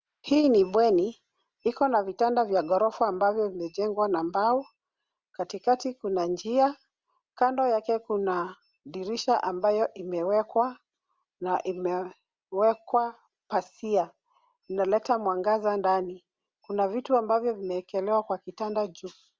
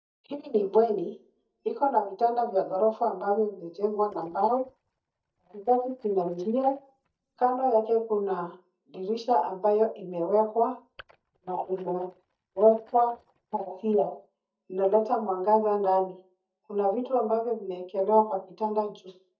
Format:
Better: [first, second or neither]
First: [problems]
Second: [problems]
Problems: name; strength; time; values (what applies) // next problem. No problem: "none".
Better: first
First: none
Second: noise reduction (neural mask model DeepFilterNet 3)